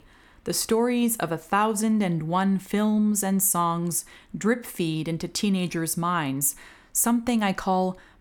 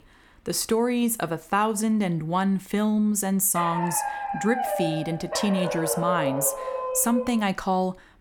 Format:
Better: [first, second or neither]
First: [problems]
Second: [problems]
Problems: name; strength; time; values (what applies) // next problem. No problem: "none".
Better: first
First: none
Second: dog barking; noticeable; from 3.5 to 7.5 s; peak 2 dB below the speech